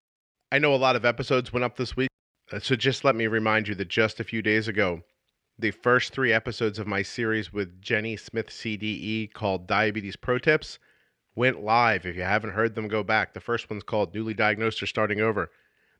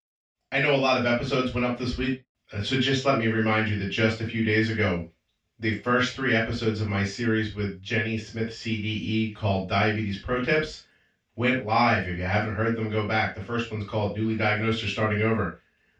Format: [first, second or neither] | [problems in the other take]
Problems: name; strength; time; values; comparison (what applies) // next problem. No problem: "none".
first | room echo; noticeable; dies away in 0.2 s // off-mic speech; far